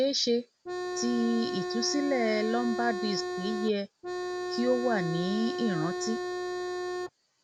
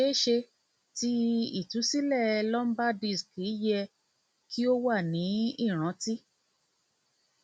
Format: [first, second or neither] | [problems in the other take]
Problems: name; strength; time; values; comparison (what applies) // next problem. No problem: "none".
second | background sound (Organ); 3 dB below the speech